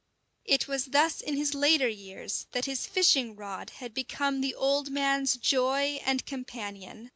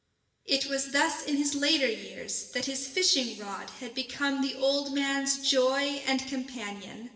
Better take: first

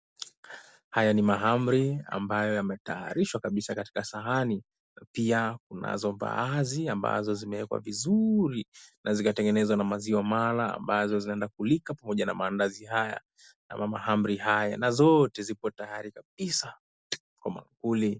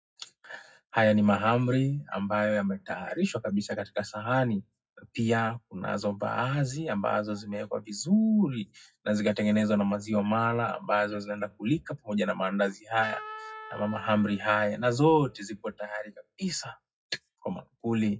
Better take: first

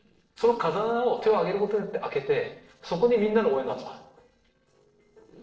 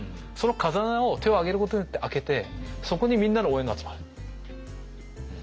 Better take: second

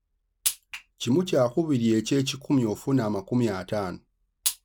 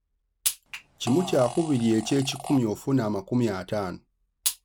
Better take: first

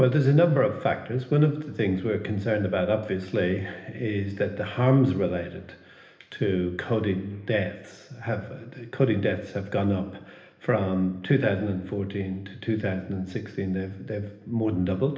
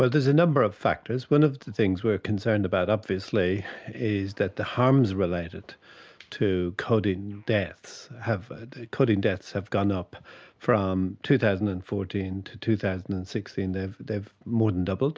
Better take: second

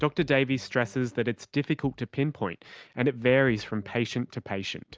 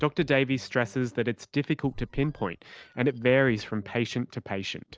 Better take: first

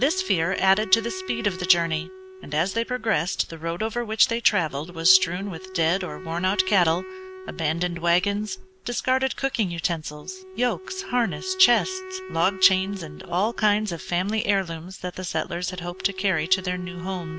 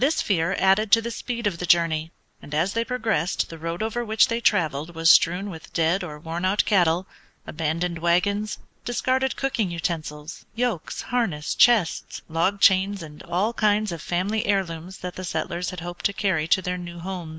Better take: second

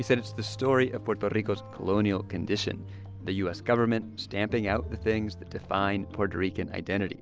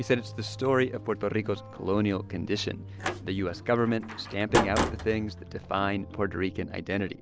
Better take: first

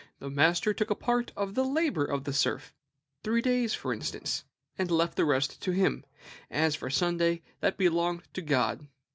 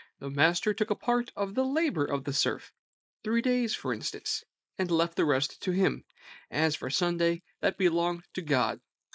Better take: first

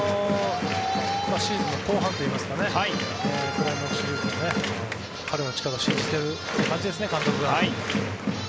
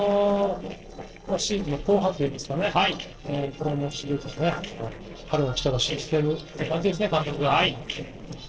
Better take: first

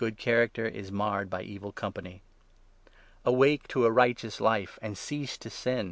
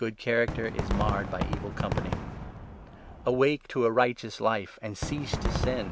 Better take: first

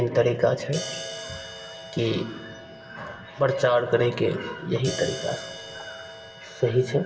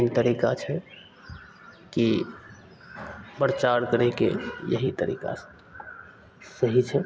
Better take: second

